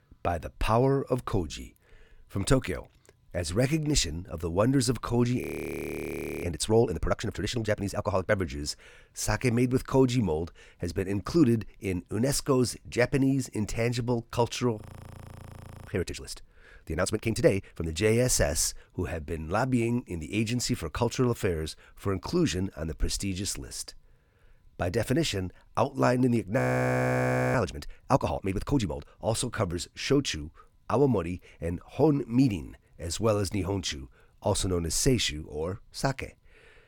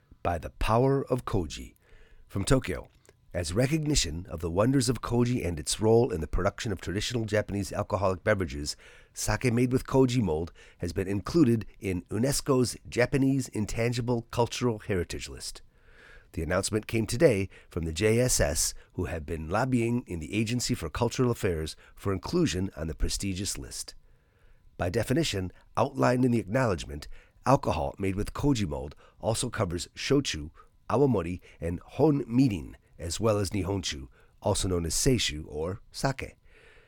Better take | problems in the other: second | audio freezing; at 5.5 s for 1 s, at 15 s for 1 s and at 27 s for 1 s

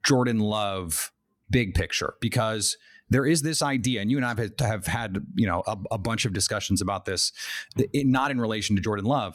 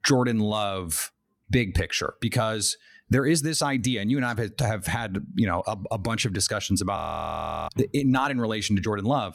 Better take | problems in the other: first | audio freezing; at 7 s for 0.5 s

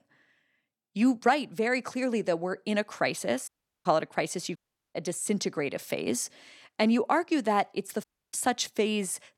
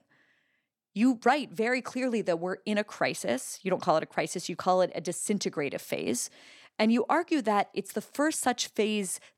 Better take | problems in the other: second | audio cutting out; at 3.5 s, at 4.5 s and at 8 s

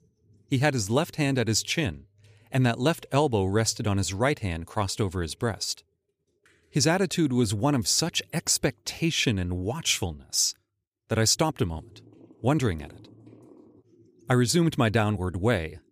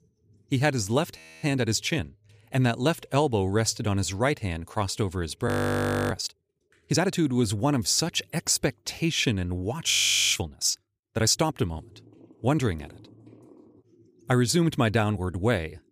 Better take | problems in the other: first | audio freezing; at 1 s, at 5.5 s for 0.5 s and at 10 s

